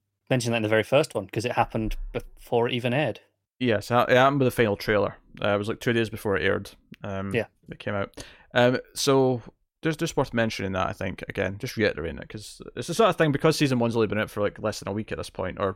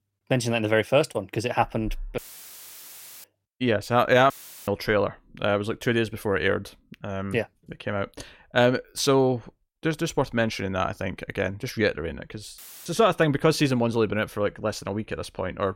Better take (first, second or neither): first